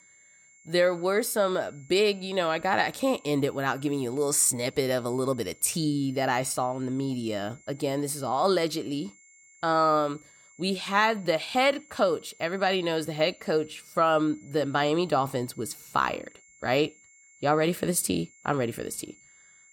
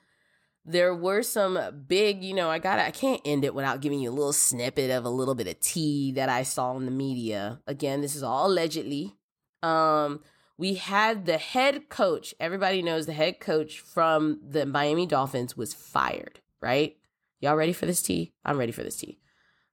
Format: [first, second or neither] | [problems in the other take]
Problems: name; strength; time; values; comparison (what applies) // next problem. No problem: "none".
second | high-pitched whine; faint; throughout; 2 kHz, 25 dB below the speech